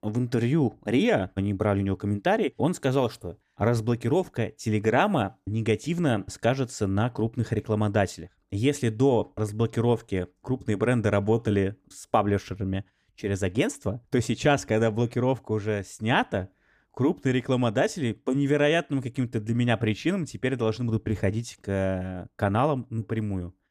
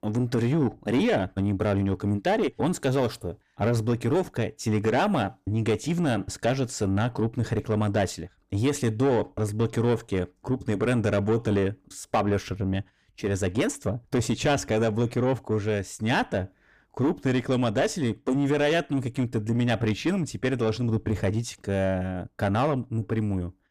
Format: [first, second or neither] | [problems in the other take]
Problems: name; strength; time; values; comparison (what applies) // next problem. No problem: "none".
first | distortion; slight; 9 dB below the speech